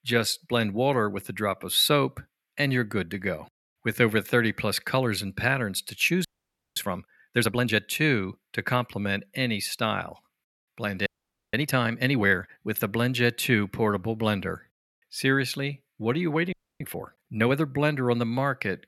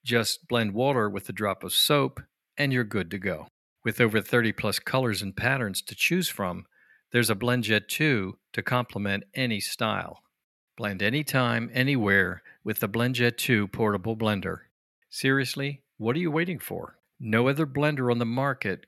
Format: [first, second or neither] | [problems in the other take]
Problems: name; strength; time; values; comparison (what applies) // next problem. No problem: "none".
second | audio freezing; at 6.5 s for 0.5 s, at 11 s and at 17 s